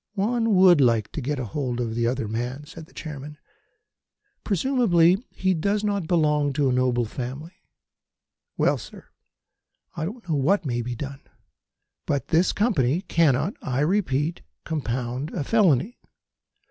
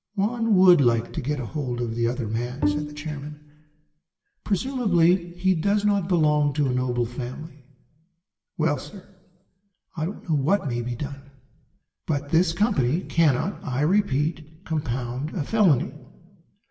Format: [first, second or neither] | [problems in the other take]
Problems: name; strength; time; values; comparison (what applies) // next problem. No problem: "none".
first | background sound (Bowed string instrument); 5 dB below the speech // room echo; dies away in 0.8 s